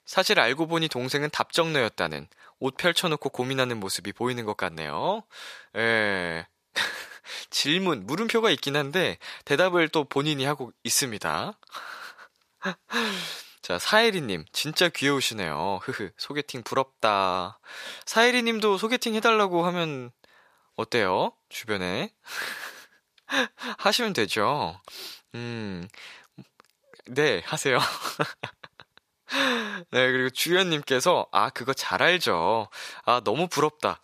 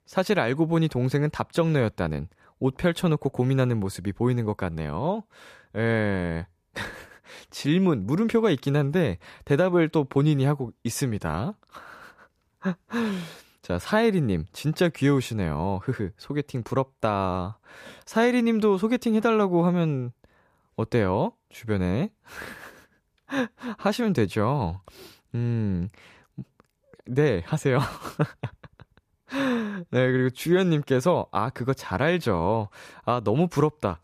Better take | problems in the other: second | thin; somewhat; fading below 1 kHz

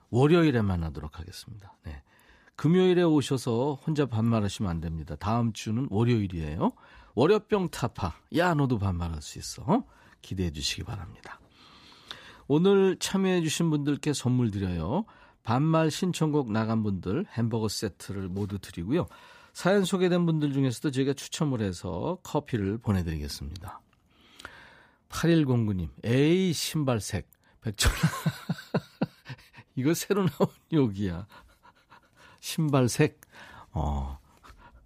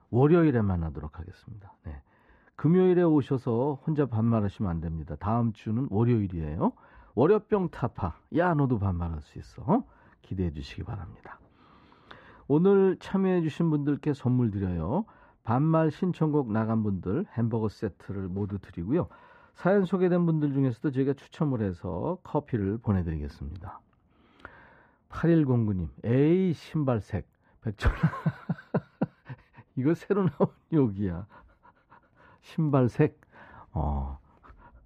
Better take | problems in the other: first | muffled; very; fading above 3 kHz

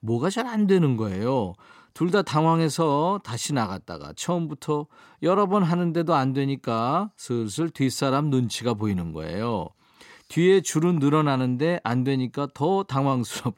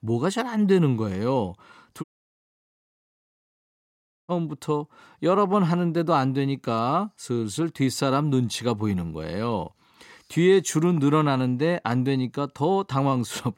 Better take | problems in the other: first | audio cutting out; at 2 s for 2 s

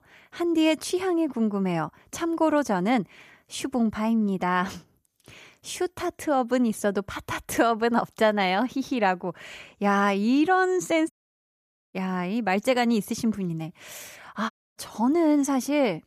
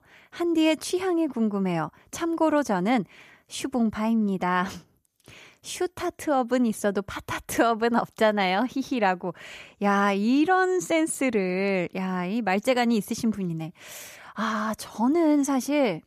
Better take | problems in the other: second | audio cutting out; at 11 s for 1 s and at 15 s

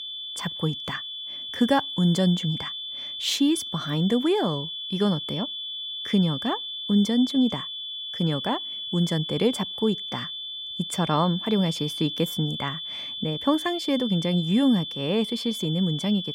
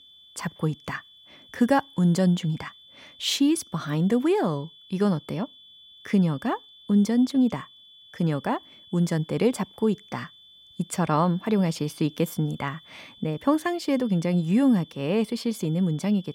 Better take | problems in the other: second | high-pitched whine; loud; throughout; 3.5 kHz, 6 dB below the speech; faint in the second

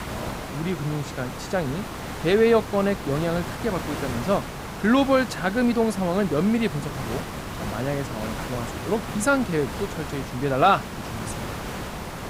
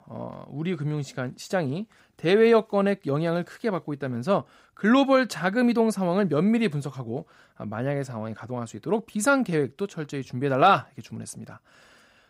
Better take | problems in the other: second | hiss; loud; throughout; 9 dB below the speech

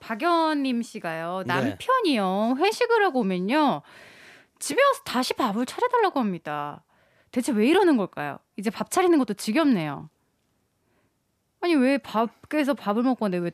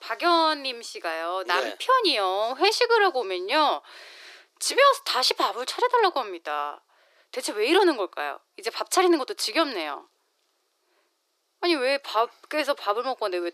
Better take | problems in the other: first | thin; very; fading below 350 Hz

